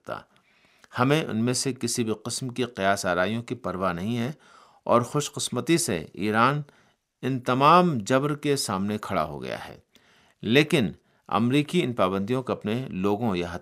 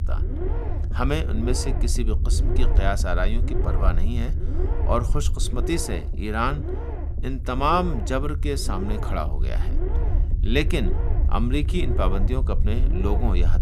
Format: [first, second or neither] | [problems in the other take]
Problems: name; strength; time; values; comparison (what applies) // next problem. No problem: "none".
first | low rumble; noticeable; throughout; 10 dB below the speech